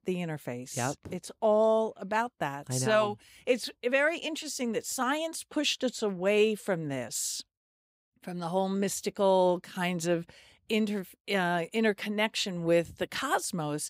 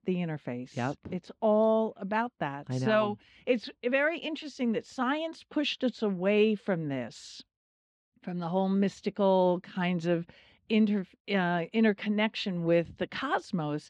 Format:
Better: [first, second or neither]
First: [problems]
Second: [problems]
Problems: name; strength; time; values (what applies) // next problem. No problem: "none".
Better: first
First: none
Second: muffled; slightly; fading above 4 kHz